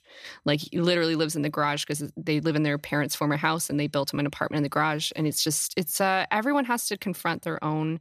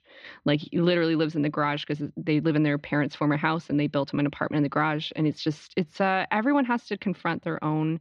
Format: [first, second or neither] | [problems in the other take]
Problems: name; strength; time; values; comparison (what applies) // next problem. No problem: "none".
first | muffled; slightly; fading above 3.5 kHz